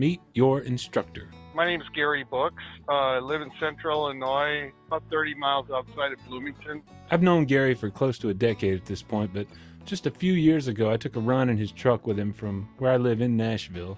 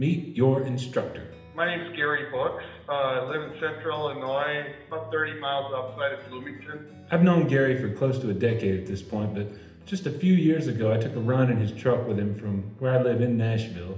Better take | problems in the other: first | room echo; dies away in 0.8 s

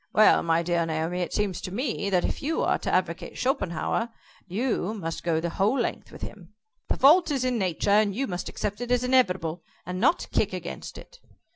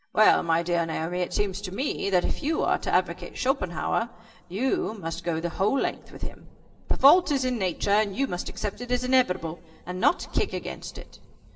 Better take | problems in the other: first | room echo; dies away in 0.6 s

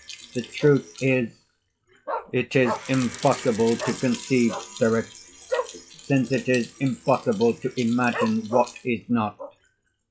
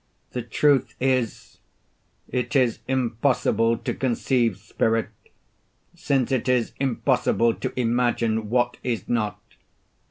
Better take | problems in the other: second | noise reduction (classical method log-MMSE)

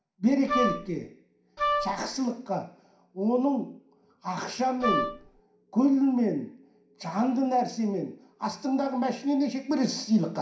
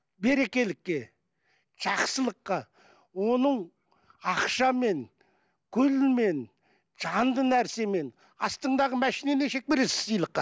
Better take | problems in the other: second | background sound (Wind instrument, woodwind instrument); 1 dB below the speech // room echo; dies away in 0.5 s

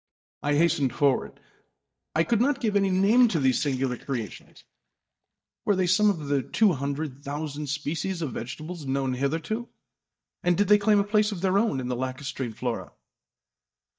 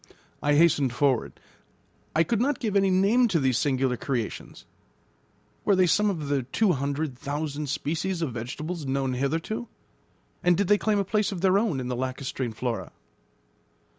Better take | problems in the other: second | noise reduction (neural mask model DeepFilterNet 3)

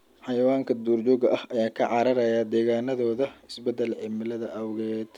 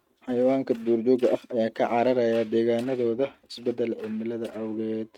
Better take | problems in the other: first | noise reduction (neural mask model RNNoise)

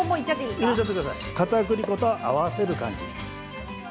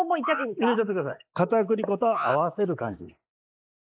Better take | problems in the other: first | noise reduction (neural mask model Resemble Enhance denoiser)

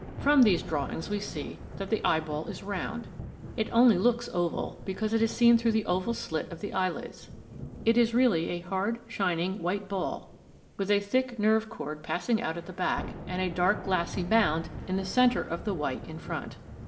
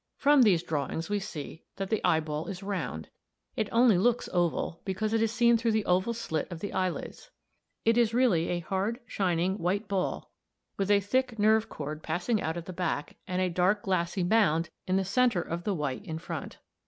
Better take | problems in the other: second | background sound (Thunder / Rain); 14 dB below the speech // room echo; dies away in 0.6 s

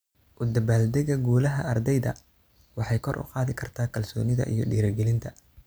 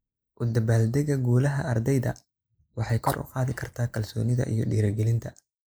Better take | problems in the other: first | noise reduction (neural mask model Resemble Enhance denoiser)

